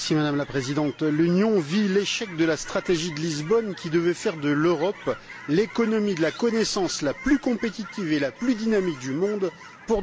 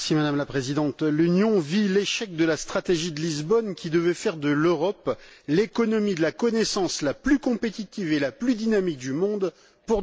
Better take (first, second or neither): second